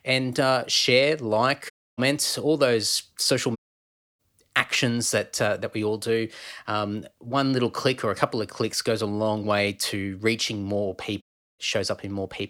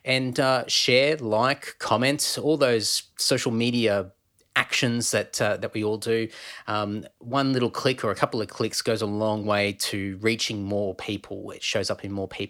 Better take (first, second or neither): second